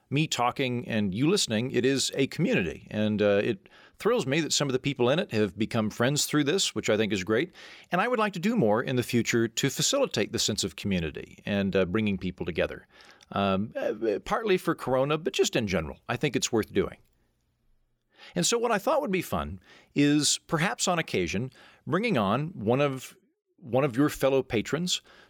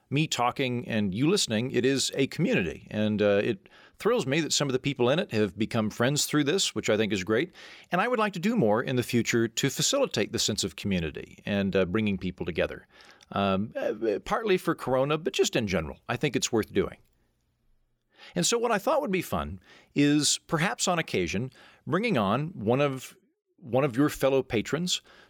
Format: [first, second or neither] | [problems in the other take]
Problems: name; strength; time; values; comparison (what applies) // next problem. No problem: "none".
neither | none